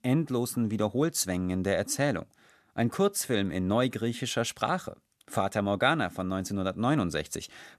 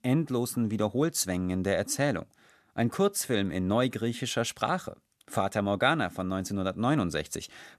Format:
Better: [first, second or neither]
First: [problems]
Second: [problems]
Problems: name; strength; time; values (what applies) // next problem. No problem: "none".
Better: neither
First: none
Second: none